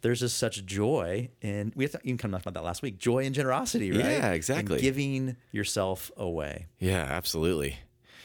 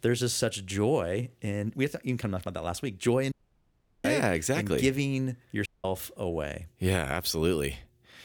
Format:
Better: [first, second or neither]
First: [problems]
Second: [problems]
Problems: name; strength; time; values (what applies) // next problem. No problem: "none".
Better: first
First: none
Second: audio cutting out; at 3.5 s for 0.5 s and at 5.5 s